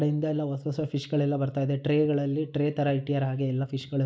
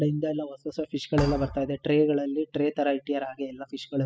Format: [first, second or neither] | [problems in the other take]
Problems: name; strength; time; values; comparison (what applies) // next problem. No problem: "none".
first | noise reduction (classical method spectral subtraction)